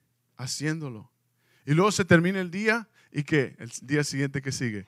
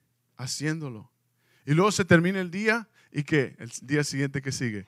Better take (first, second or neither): neither